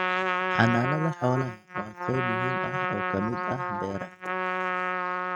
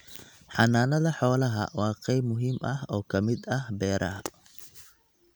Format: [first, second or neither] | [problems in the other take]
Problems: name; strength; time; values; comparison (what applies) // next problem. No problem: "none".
second | noise reduction (neural mask model RNNoise)